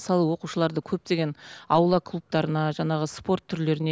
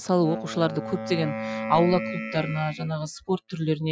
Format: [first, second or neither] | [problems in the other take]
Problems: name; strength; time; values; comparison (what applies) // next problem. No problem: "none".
first | noise reduction (classical method Wiener filter)